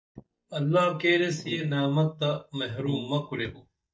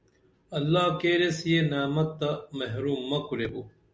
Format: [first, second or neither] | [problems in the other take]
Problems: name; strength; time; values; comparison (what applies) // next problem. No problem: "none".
second | noise reduction (neural mask model DeepFilterNet 3)